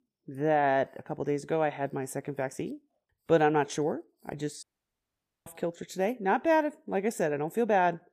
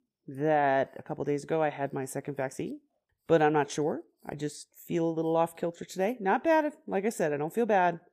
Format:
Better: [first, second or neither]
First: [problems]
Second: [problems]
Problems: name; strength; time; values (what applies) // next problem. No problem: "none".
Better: second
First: audio cutting out; at 4.5 s for 1 s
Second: none